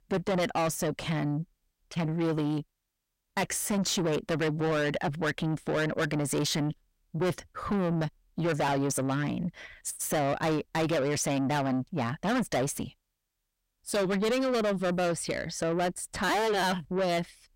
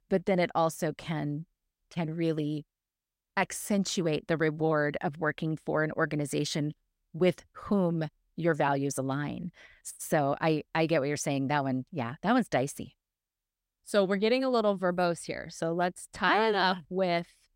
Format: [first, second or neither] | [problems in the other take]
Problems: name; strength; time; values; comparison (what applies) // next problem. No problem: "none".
second | distortion; heavy; 6 dB below the speech